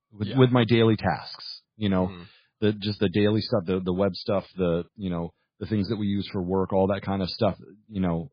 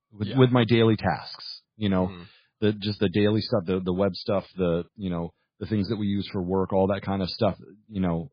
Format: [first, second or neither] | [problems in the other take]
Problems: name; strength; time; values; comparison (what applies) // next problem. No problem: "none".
neither | garbled, watery; badly; the same in both